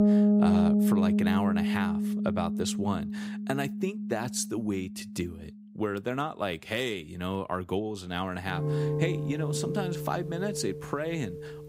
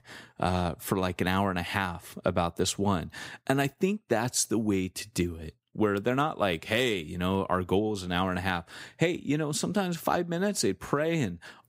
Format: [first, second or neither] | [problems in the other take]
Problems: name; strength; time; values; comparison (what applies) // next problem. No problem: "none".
second | background music; very loud; throughout; 4 dB above the speech